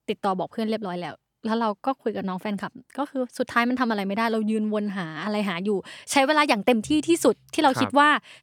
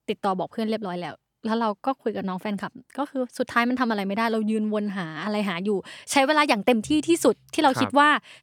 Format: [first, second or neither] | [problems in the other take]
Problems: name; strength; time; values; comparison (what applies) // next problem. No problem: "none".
neither | none